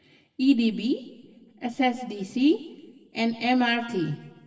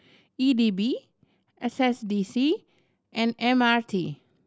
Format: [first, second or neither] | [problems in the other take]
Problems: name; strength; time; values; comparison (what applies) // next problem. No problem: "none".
second | room echo; dies away in 1.3 s